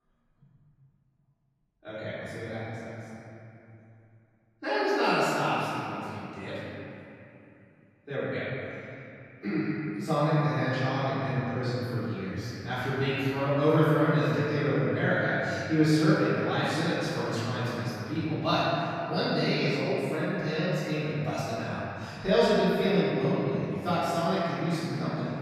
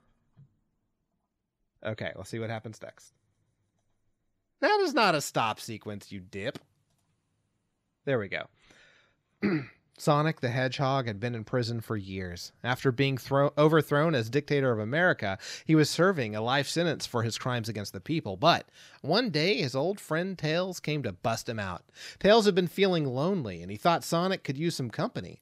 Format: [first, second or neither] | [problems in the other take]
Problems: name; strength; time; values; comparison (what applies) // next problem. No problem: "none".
second | off-mic speech; far // room echo; strong; dies away in 2.9 s